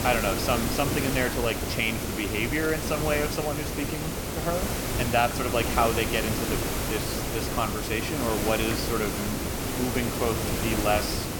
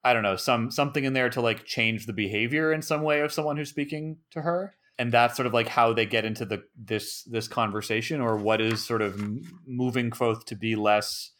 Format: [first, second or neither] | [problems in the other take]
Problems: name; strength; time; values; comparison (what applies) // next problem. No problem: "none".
second | hiss; loud; throughout; as loud as the speech